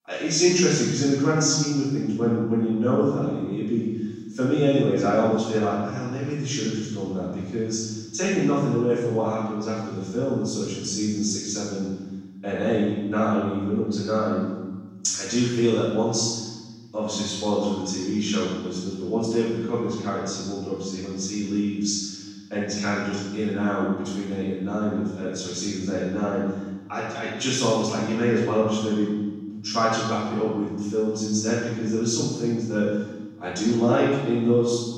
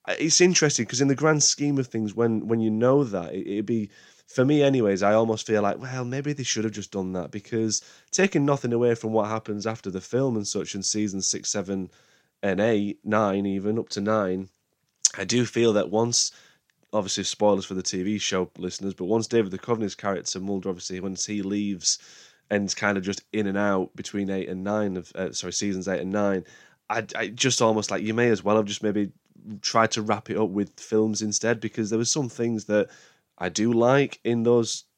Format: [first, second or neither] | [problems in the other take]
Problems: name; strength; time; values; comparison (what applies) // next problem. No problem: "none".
second | off-mic speech; far // room echo; strong; dies away in 1.3 s